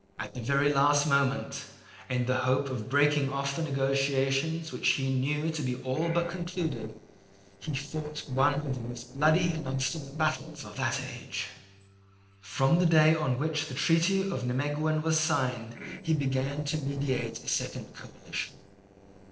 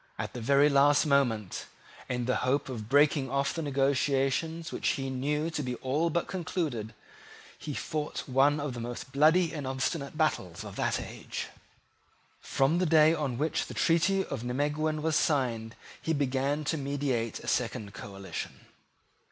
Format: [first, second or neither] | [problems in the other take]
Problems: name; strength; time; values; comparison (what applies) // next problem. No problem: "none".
second | noise reduction (neural separator model SepFormer DNS4)